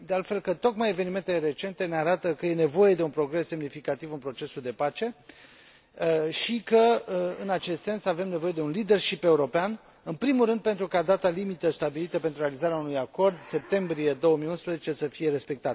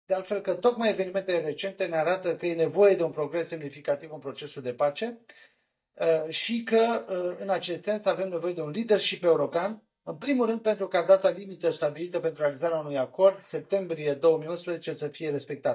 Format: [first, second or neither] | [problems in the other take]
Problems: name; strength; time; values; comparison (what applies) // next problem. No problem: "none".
first | noise reduction (neural mask model DeepFilterNet 3)